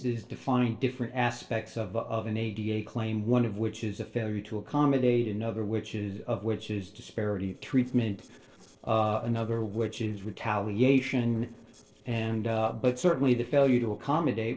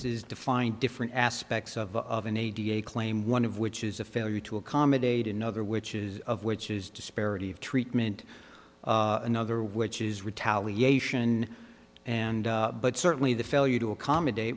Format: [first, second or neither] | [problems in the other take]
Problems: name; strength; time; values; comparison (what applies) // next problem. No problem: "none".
second | noise reduction (neural separator model SepFormer DNS4)